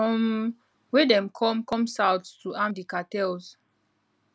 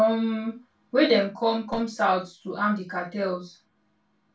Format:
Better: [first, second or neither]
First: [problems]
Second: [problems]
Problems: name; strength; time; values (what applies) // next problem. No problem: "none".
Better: first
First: none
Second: room echo; dies away in 0.2 s